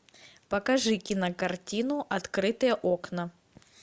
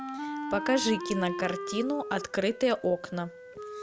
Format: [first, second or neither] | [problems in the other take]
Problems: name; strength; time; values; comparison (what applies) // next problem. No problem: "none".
first | background sound (Wind instrument, woodwind instrument); 7 dB below the speech